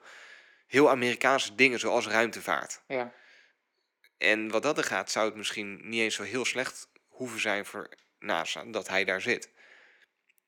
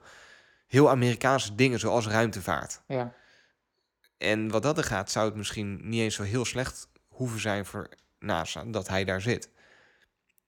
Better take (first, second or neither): second